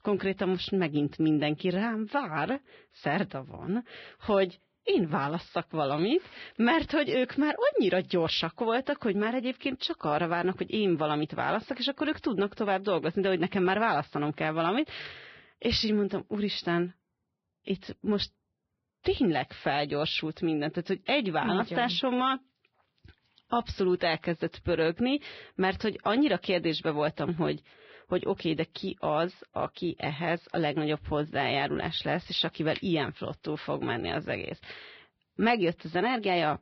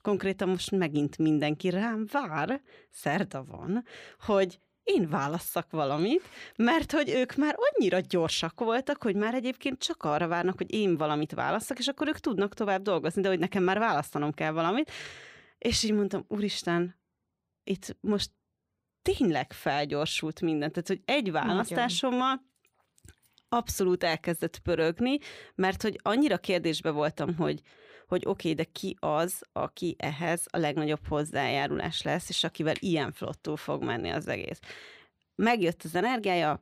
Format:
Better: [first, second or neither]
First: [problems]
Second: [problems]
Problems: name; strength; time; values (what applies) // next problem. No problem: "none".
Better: second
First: garbled, watery; badly; nothing above 5.5 kHz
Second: none